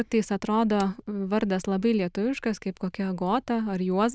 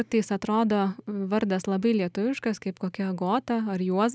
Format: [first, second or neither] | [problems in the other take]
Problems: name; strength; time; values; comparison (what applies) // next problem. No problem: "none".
second | noise reduction (neural diffusion model UNIVERSE++)